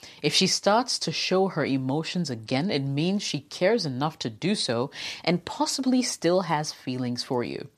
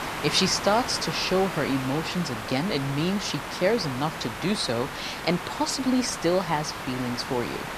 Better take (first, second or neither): first